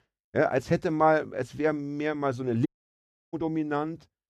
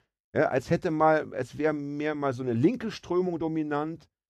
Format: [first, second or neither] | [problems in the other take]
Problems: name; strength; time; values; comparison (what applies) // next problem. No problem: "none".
second | audio cutting out; at 2.5 s for 0.5 s